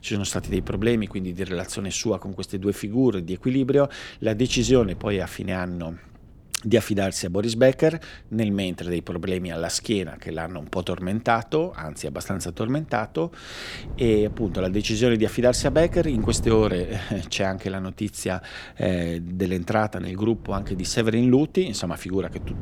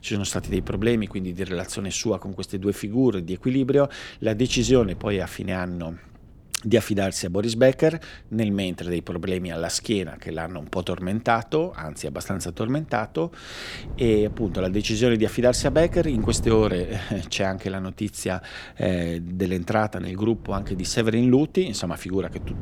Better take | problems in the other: neither | wind noise on the microphone; occasional gusts; 20 dB below the speech; the same in both

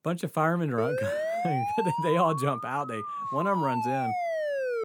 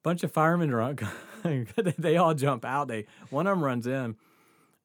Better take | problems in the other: second | siren; loud; from 1 s on; peak level with the speech

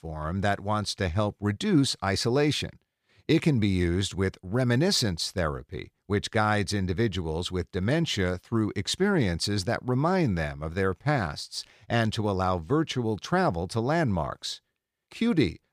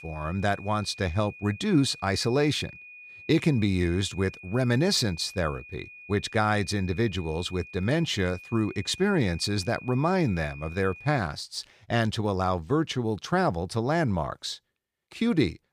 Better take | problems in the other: first | high-pitched whine; noticeable; until 11 s; 2.5 kHz, 15 dB below the speech

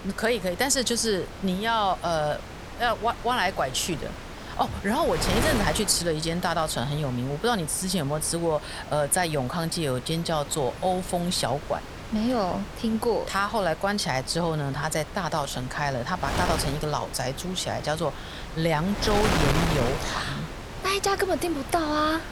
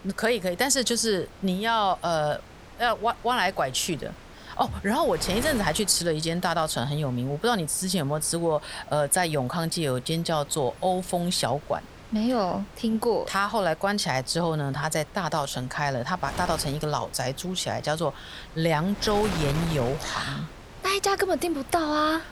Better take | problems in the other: second | wind noise on the microphone; heavy; 9 dB below the speech; occasional gusts in the second

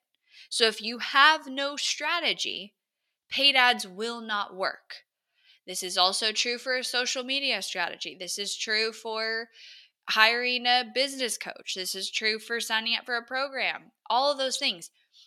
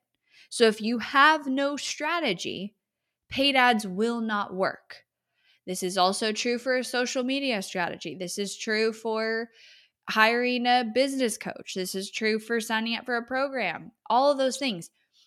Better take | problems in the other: second | thin; somewhat; fading below 850 Hz

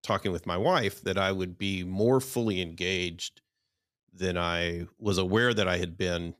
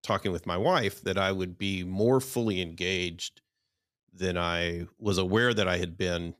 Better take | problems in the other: neither | none

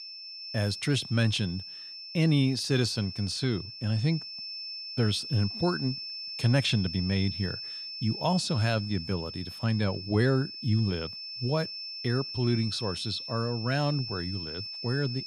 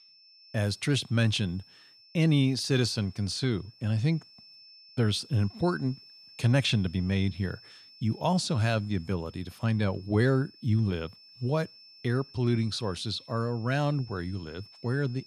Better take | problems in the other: second | high-pitched whine; loud; throughout; 5.5 kHz, 8 dB below the speech; faint in the second

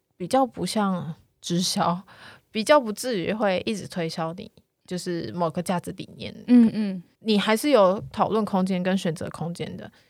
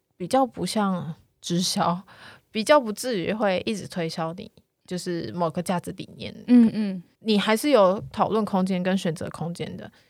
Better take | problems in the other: neither | none

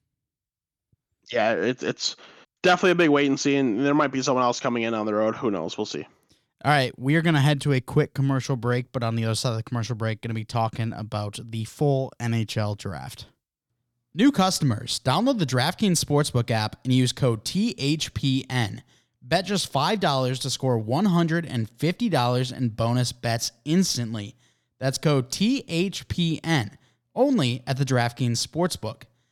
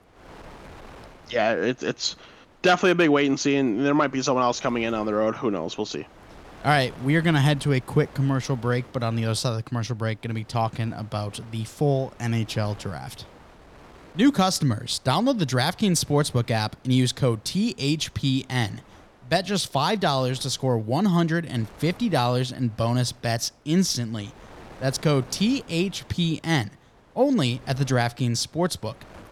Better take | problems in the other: first | wind noise on the microphone; occasional gusts; 25 dB below the speech

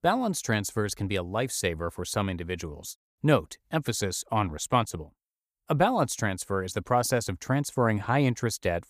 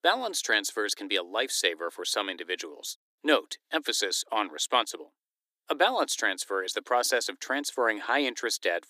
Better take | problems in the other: first | thin; somewhat; fading below 300 Hz

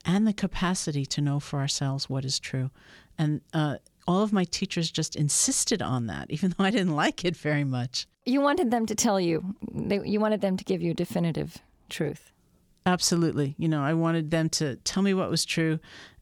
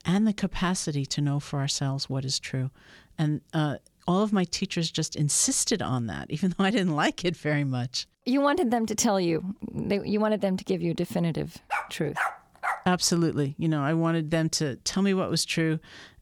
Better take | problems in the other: first | dog barking; noticeable; from 12 to 13 s; peak 4 dB below the speech

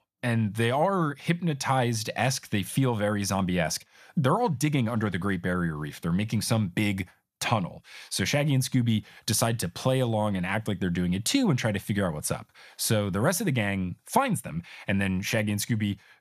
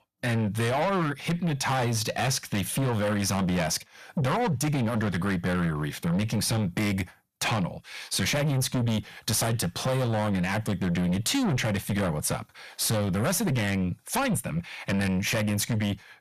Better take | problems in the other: first | distortion; heavy; 7 dB below the speech

